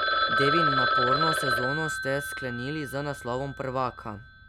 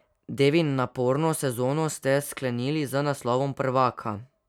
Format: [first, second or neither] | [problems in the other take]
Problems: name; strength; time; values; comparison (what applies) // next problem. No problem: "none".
second | background sound (Telephone); 3 dB above the speech